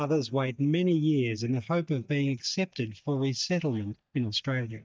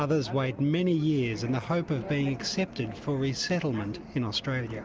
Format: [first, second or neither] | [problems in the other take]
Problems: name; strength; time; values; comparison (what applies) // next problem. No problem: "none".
second | noise reduction (neural mask model DeepFilterNet 3)